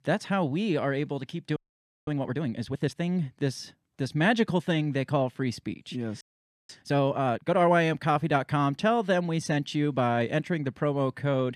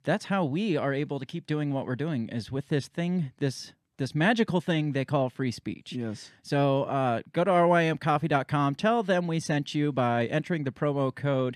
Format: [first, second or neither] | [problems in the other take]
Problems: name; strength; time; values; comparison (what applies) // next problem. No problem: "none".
second | audio freezing; at 1.5 s for 0.5 s and at 6 s